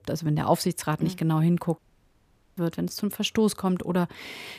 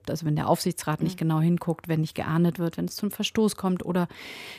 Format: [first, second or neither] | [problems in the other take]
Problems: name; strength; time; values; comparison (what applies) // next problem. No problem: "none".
second | audio cutting out; at 2 s for 1 s